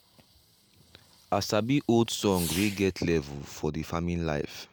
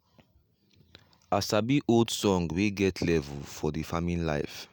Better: second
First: background sound (Fireworks); 16 dB below the speech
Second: none

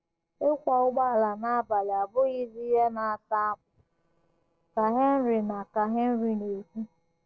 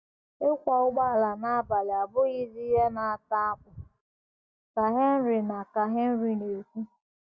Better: second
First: noise reduction (neural separator model SepFormer DNS4)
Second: none

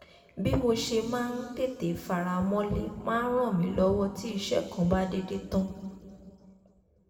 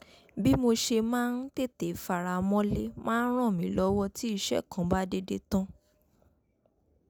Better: second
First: room echo; dies away in 2.2 s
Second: none

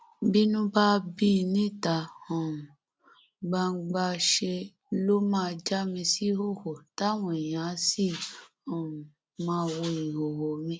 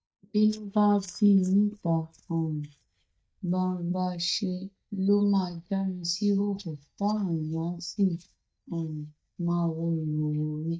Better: first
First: none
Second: noise reduction (neural mask model DeepFilterNet 3)

